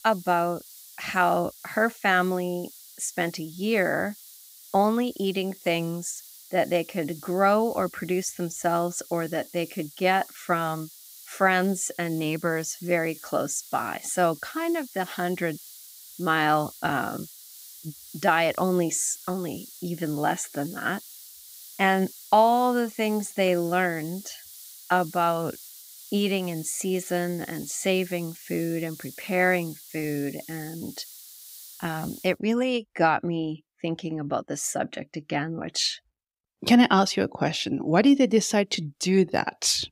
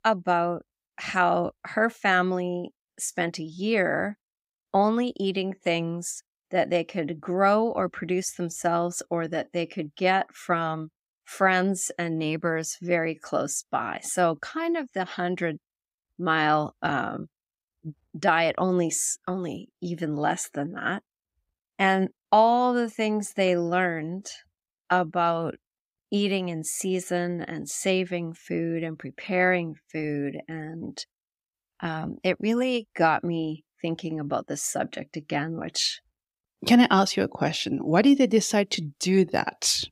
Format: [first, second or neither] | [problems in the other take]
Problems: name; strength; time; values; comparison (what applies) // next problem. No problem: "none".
second | hiss; noticeable; until 32 s; 15 dB below the speech